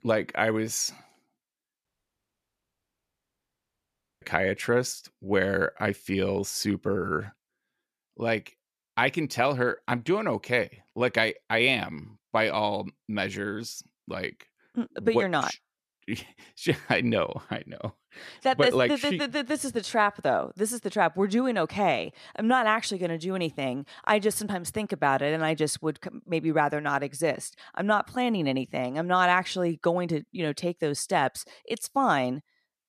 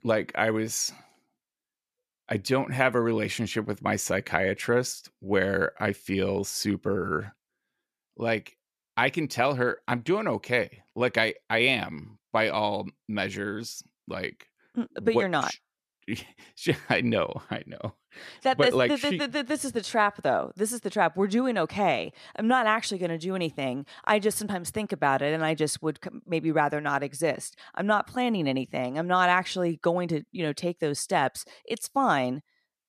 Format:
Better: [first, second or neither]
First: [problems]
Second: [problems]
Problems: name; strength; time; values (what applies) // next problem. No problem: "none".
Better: second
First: audio cutting out; at 2 s for 2.5 s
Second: none